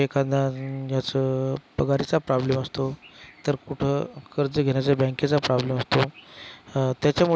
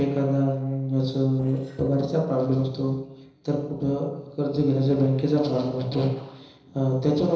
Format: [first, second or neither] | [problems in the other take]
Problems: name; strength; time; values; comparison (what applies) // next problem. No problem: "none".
first | noise reduction (neural separator model SepFormer DNS4)